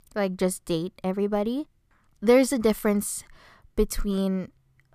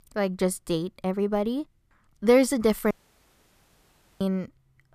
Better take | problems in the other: first | audio cutting out; at 3 s for 1.5 s

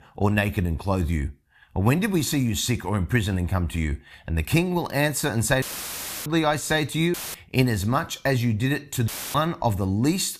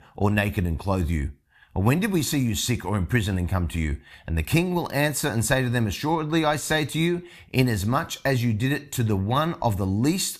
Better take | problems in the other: second | audio cutting out; filled with static; at 5.5 s for 0.5 s, at 7 s and at 9 s

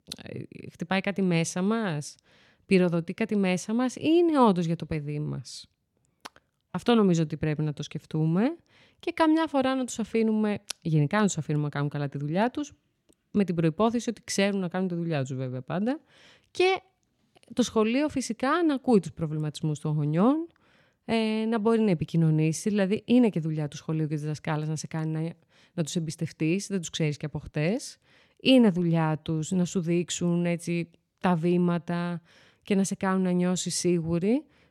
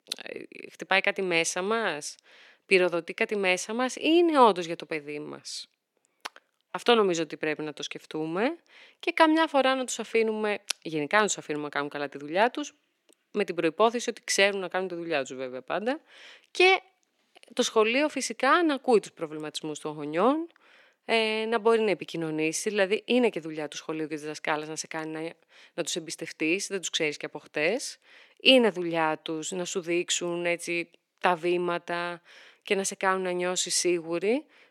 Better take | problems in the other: first | thin; somewhat; fading below 350 Hz

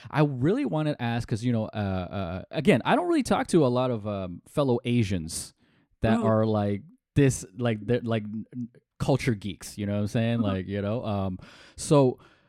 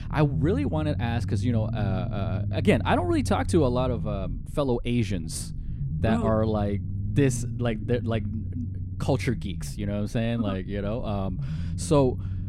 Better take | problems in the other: first | low rumble; noticeable; throughout; 15 dB below the speech

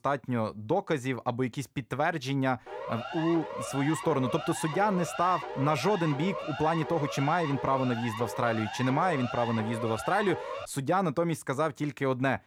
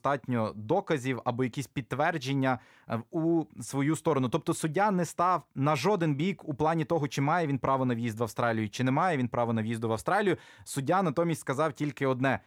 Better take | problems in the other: second | siren; noticeable; from 2.5 to 11 s; peak 7 dB below the speech

